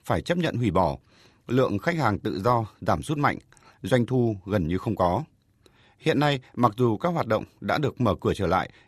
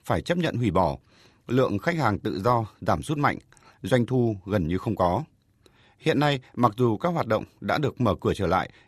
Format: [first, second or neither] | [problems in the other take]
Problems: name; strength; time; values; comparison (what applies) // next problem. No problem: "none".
neither | none